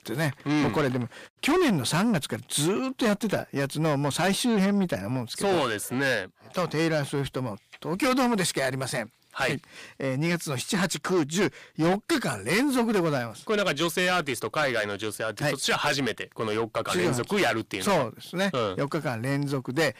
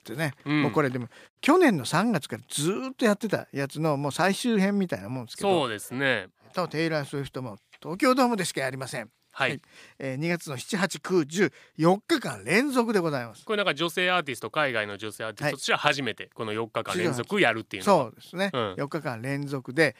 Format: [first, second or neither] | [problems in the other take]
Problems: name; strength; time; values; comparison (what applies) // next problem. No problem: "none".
second | distortion; heavy; 7 dB below the speech